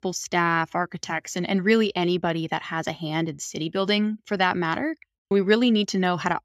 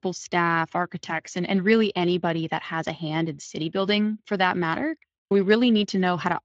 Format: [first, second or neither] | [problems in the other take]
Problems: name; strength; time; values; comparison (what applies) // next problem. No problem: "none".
first | garbled, watery; slightly